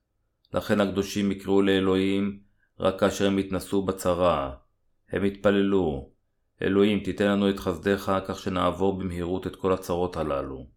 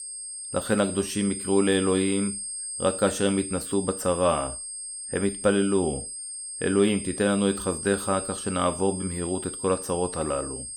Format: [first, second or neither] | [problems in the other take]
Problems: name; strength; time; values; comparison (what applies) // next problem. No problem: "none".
first | high-pitched whine; loud; throughout; 8.5 kHz, 7 dB below the speech